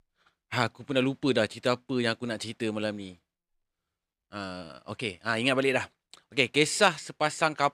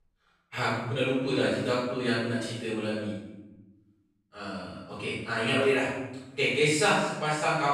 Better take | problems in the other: first | off-mic speech; far // room echo; strong; dies away in 0.9 s

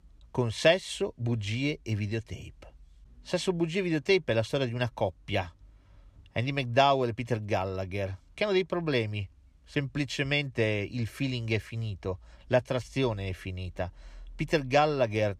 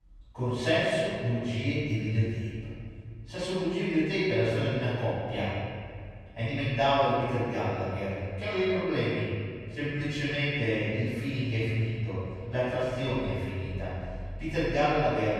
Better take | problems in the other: first | room echo; strong; dies away in 2.1 s // off-mic speech; far

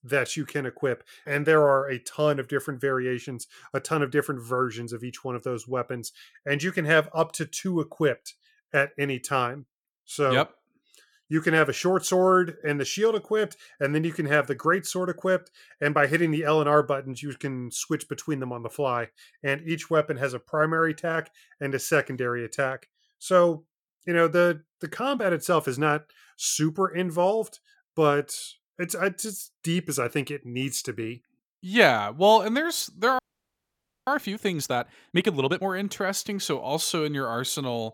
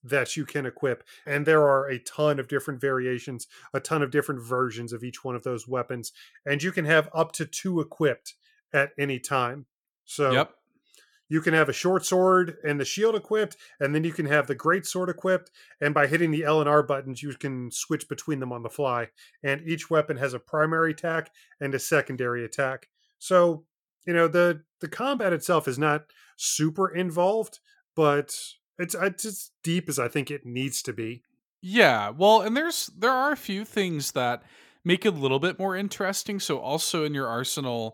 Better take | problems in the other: second | audio freezing; at 33 s for 1 s

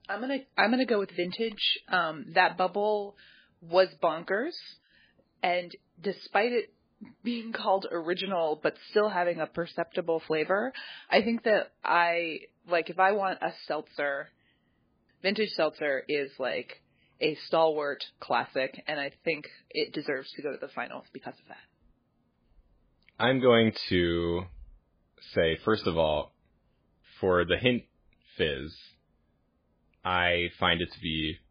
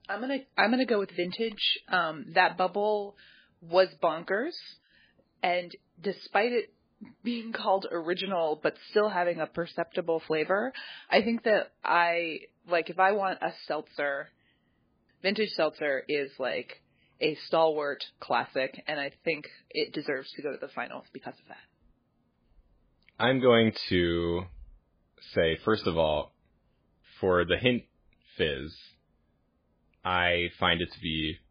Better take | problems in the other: neither | garbled, watery; badly; nothing above 4.5 kHz; the same in both

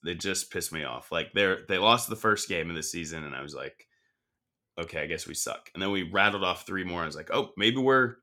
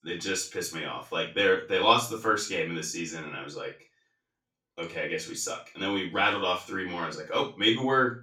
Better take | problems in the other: first | room echo; slight; dies away in 0.2 s // off-mic speech; far

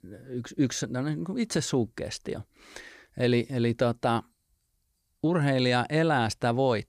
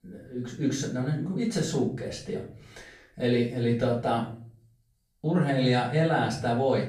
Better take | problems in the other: first | off-mic speech; far // room echo; slight; dies away in 0.5 s

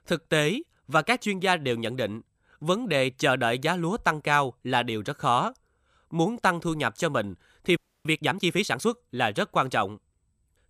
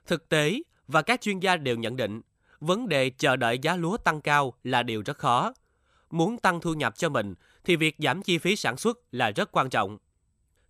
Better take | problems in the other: second | audio freezing; at 8 s

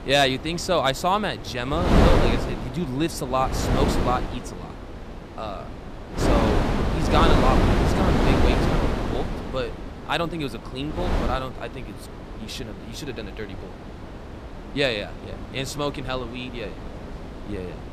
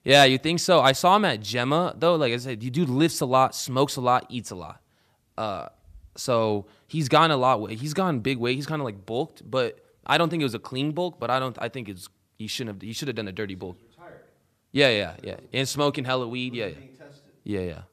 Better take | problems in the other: second | wind noise on the microphone; heavy; as loud as the speech

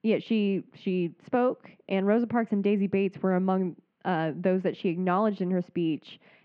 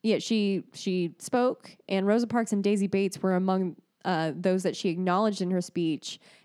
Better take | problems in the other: second | muffled; very; fading above 2.5 kHz

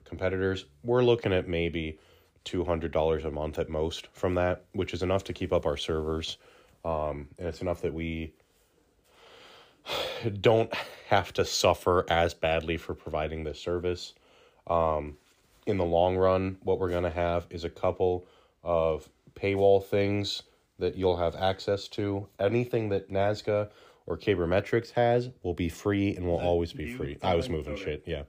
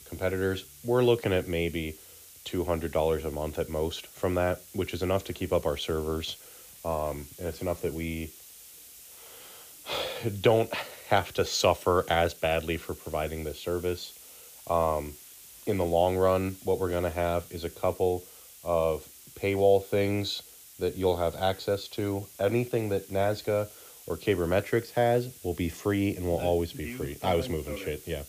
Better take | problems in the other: first | hiss; noticeable; throughout; 20 dB below the speech

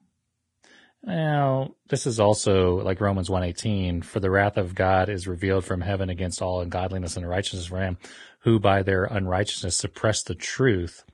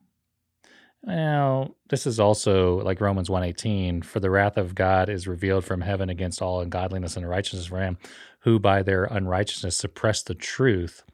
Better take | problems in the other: second | garbled, watery; badly; nothing above 9 kHz

